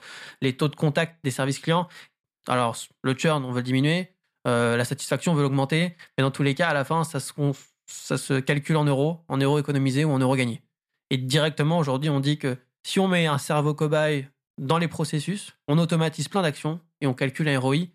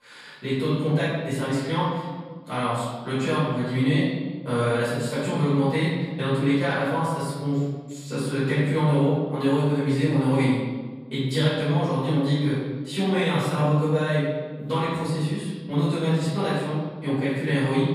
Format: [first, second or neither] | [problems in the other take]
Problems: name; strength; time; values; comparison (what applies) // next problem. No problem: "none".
first | off-mic speech; far // room echo; strong; dies away in 1.4 s